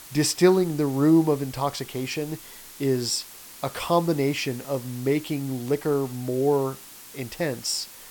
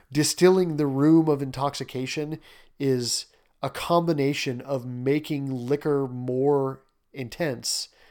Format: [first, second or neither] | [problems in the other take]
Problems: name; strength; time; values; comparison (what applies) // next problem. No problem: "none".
second | hiss; noticeable; throughout; 15 dB below the speech